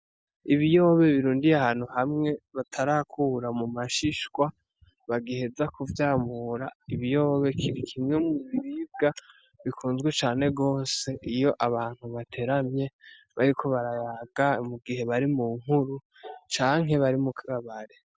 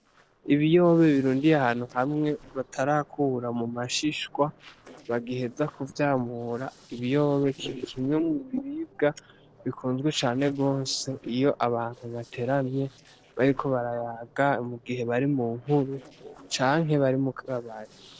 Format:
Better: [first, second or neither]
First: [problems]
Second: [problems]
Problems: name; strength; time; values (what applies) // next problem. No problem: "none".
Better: first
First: none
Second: noise reduction (neural separator model SepFormer DNS4)